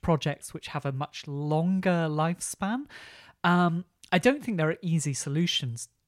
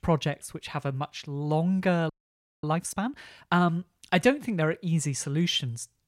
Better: first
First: none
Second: audio freezing; at 2 s for 0.5 s

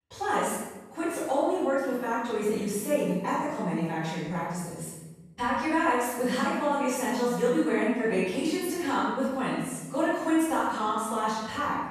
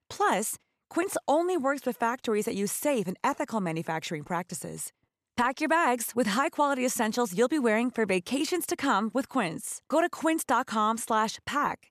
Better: second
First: room echo; strong; dies away in 1.3 s // off-mic speech; far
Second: none

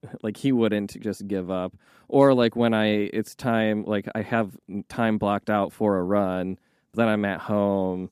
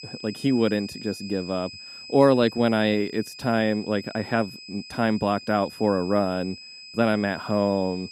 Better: first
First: none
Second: high-pitched whine; noticeable; throughout; 5 kHz, 15 dB below the speech

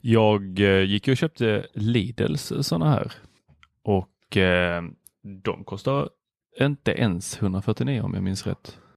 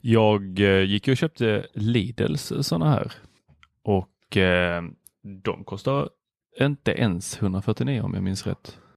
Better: neither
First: none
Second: none

